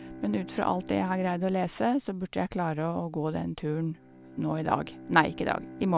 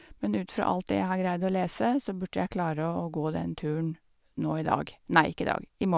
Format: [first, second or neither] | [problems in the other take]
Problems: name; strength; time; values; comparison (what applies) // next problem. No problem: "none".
second | background sound (Bowed string instrument); 17 dB below the speech